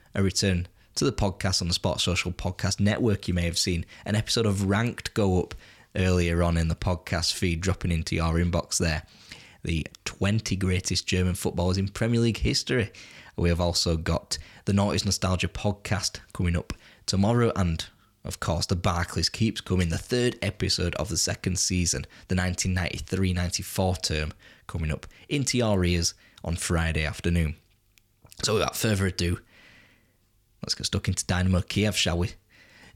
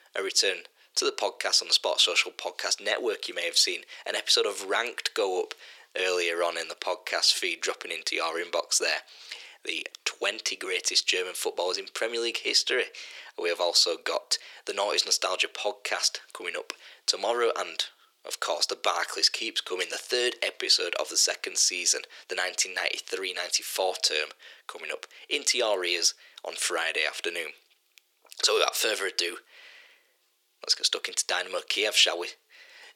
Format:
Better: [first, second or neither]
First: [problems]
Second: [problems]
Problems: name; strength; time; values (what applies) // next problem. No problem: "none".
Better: first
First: none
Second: thin; very; fading below 400 Hz